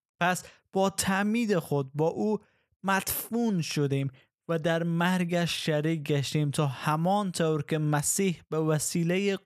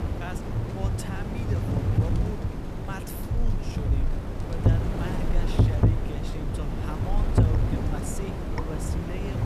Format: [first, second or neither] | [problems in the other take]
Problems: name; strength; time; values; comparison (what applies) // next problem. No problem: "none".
first | wind noise on the microphone; heavy; 5 dB above the speech